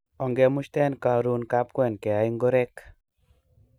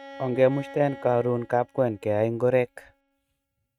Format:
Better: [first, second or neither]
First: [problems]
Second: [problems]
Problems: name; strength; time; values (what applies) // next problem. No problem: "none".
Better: first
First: none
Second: noise reduction (neural mask model RNNoise)